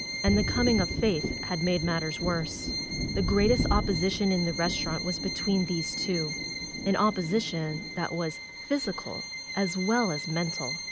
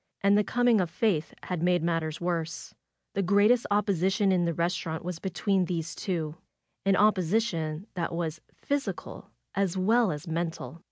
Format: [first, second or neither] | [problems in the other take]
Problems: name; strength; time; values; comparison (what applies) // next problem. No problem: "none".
second | background sound (Bowed string instrument + Thunder); 4 dB below the speech